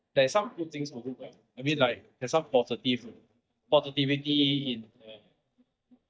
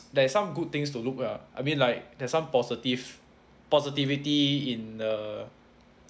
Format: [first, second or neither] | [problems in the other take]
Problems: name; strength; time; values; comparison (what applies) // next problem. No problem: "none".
second | noise reduction (neural mask model DeepFilterNet 3)